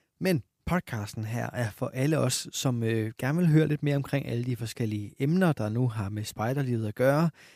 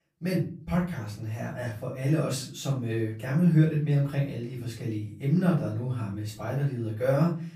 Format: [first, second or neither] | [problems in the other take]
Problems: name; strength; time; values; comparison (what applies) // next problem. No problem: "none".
first | off-mic speech; far // room echo; slight; dies away in 0.3 s